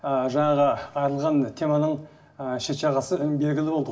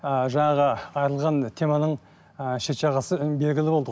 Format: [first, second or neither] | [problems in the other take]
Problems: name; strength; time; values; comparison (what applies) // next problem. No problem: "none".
second | room echo; dies away in 0.6 s